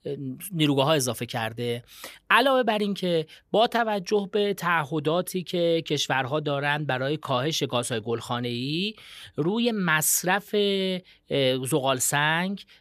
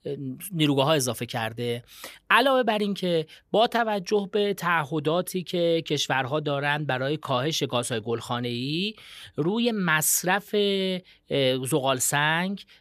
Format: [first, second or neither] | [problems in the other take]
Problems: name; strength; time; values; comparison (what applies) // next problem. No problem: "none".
neither | none